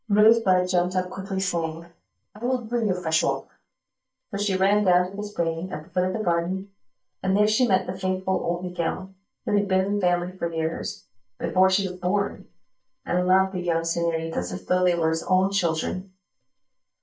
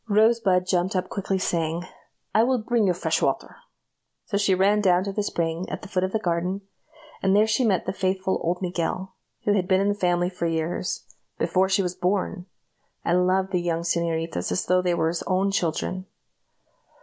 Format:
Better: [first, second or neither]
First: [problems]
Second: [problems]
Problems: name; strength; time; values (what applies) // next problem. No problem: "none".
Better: second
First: noise reduction (neural mask model DeepFilterNet 3)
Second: none